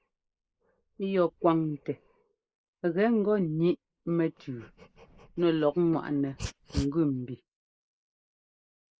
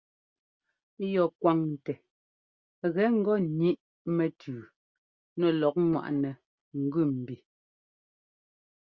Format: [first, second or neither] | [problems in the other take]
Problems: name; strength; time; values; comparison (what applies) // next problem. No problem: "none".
second | noise reduction (neural mask model Resemble Enhance denoiser)